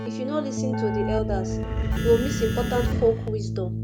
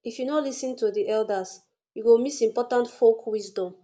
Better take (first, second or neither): second